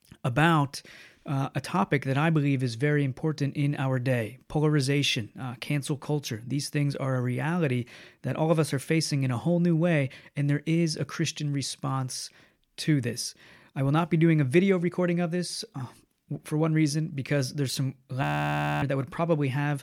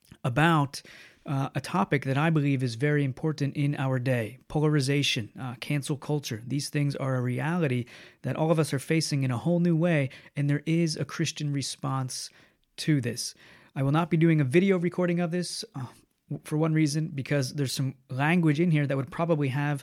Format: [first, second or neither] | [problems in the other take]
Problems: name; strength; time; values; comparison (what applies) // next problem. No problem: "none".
second | audio freezing; at 18 s for 0.5 s